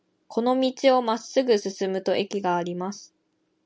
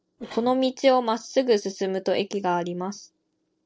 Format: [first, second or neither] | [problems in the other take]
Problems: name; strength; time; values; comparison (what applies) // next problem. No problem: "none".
first | noise reduction (neural separator model SepFormer DNS4)